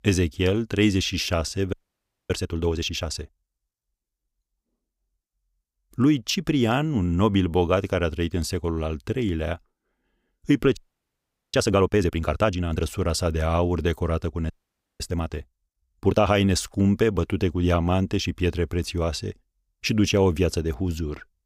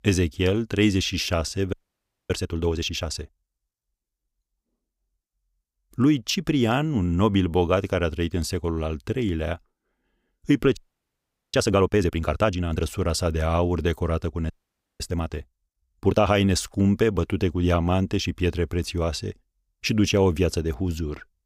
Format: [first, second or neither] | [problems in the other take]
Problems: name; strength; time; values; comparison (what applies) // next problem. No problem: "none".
neither | audio freezing; at 1.5 s for 0.5 s, at 11 s for 1 s and at 15 s for 0.5 s; the same in both